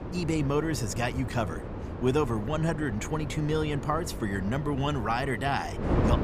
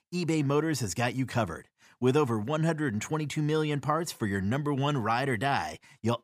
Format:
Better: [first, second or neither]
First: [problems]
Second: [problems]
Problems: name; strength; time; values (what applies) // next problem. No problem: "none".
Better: second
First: wind noise on the microphone; heavy; 9 dB below the speech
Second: none